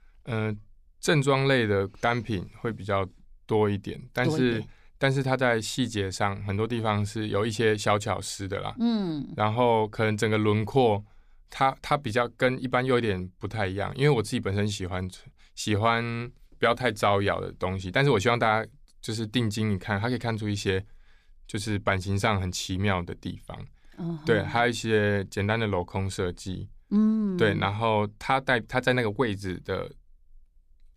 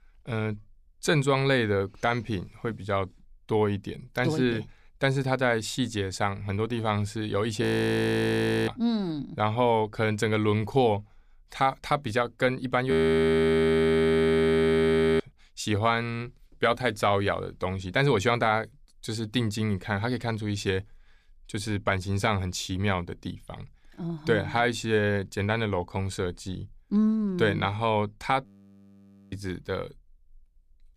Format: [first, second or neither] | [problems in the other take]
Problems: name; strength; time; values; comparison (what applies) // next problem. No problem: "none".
first | audio freezing; at 7.5 s for 1 s, at 13 s for 2.5 s and at 28 s for 1 s